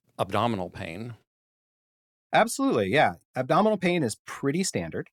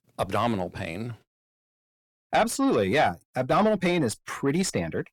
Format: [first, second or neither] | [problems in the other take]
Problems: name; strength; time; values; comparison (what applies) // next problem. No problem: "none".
first | distortion; slight; 10 dB below the speech